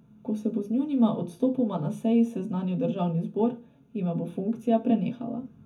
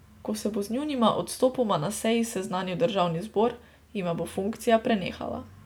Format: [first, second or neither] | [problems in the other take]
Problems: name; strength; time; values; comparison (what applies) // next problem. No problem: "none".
second | room echo; dies away in 0.3 s